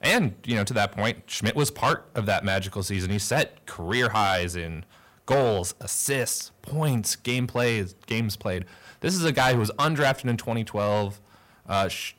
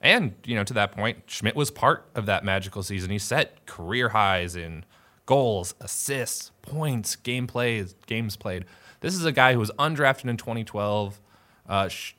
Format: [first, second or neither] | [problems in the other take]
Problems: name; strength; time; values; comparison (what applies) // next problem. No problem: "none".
second | distortion; heavy; 5% of the sound clipped